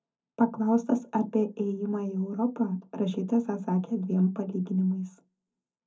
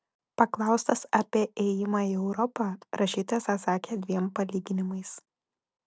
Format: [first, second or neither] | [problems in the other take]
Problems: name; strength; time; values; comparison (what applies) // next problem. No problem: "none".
second | room echo; dies away in 0.3 s